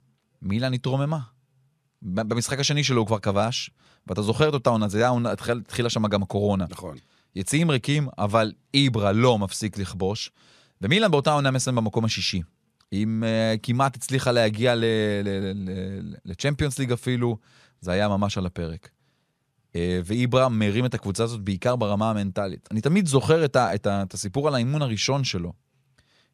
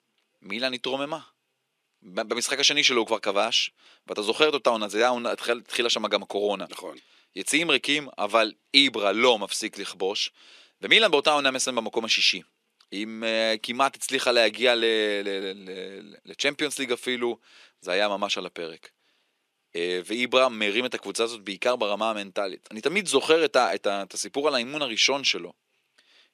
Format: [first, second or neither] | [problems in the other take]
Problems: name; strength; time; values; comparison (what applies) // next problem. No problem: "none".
first | thin; somewhat; fading below 300 Hz